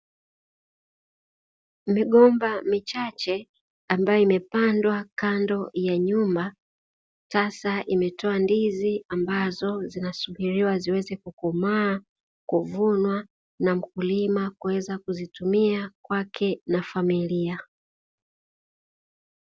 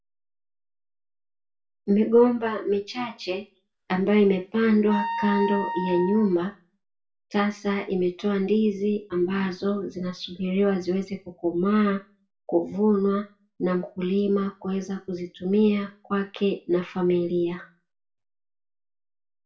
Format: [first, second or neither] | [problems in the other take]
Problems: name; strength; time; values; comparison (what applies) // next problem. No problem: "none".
first | background sound (Wind instrument, woodwind instrument); 8 dB below the speech // room echo; dies away in 0.3 s